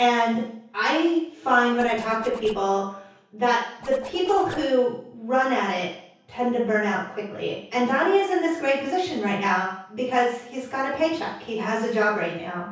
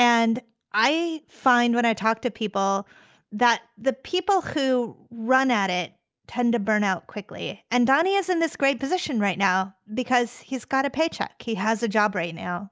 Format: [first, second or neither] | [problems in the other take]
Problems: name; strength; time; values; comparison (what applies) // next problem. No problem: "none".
second | background sound (Zipper (clothing)); 19 dB below the speech // room echo; dies away in 0.6 s